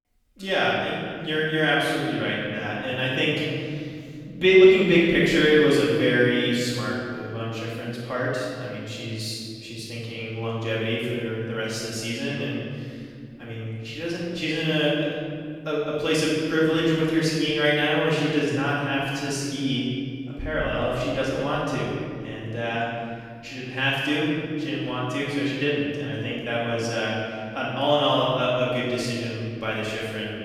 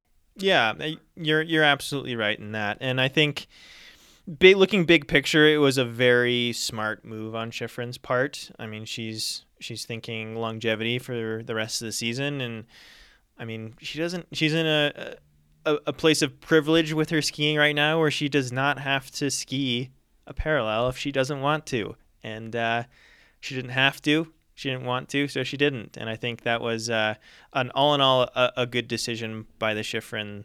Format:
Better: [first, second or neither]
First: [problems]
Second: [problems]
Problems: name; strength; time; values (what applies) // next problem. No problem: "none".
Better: second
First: off-mic speech; far // room echo; strong; dies away in 2.4 s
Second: none